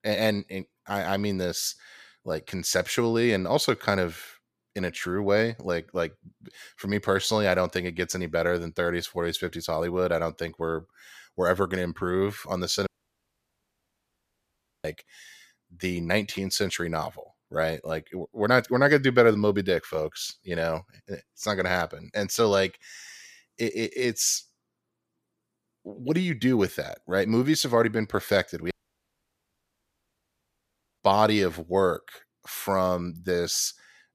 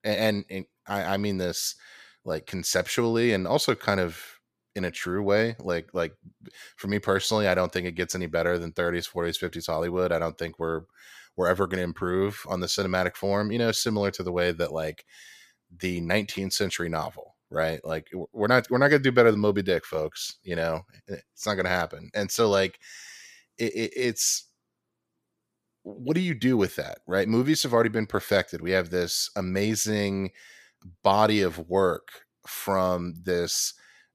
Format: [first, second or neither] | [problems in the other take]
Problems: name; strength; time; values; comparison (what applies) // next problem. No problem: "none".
second | audio cutting out; at 13 s for 2 s and at 29 s for 2.5 s